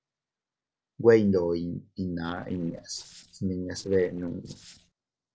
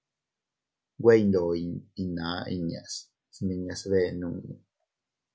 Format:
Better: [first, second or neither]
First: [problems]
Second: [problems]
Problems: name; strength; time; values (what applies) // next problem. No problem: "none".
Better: second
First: noise reduction (neural separator model SepFormer DNS4)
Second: none